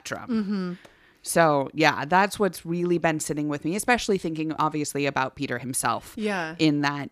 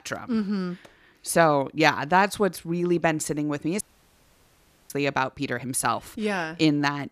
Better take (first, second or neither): first